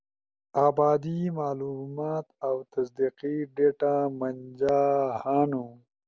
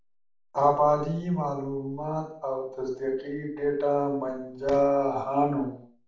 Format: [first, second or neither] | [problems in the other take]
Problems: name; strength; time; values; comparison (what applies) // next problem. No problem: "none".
first | room echo; dies away in 0.5 s